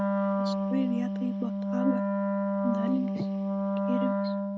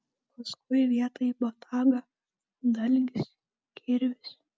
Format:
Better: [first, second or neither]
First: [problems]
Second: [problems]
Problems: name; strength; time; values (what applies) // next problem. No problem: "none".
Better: second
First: background sound (Wind instrument, woodwind instrument); 5 dB above the speech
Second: none